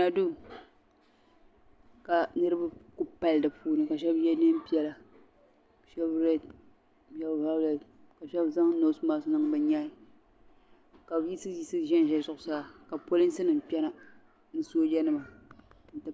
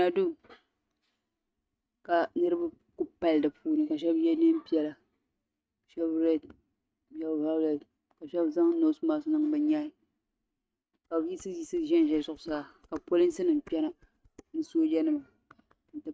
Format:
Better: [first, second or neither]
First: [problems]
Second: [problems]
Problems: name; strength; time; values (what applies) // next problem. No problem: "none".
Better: first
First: none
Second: noise reduction (neural mask model RNNoise)